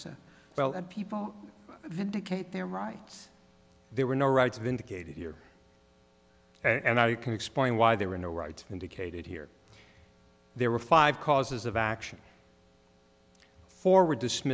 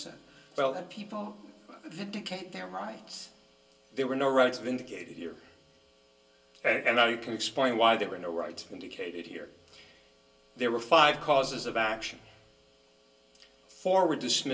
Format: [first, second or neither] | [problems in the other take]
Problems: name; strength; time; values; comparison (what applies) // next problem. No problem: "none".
first | room echo; dies away in 0.2 s